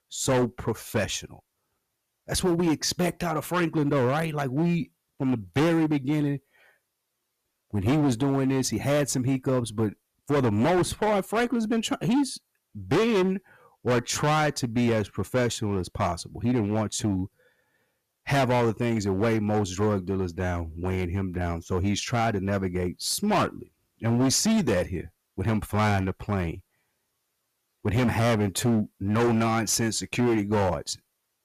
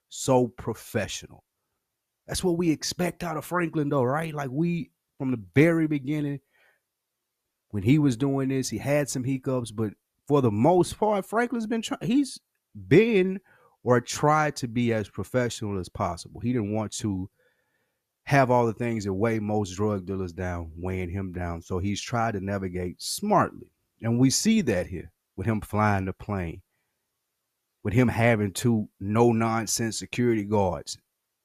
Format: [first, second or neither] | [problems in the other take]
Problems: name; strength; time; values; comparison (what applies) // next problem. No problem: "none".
second | distortion; heavy; 12% of the sound clipped